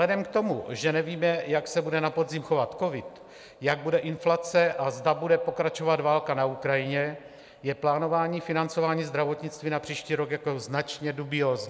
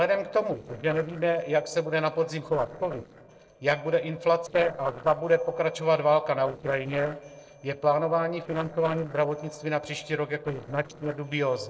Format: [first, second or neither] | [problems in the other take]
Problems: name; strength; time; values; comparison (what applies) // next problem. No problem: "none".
first | noise reduction (neural separator model SepFormer DNS4)